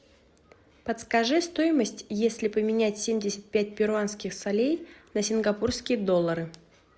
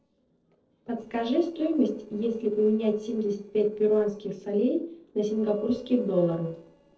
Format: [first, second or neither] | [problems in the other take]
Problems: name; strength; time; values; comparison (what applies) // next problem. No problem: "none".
first | noise reduction (neural separator model SepFormer DNS4)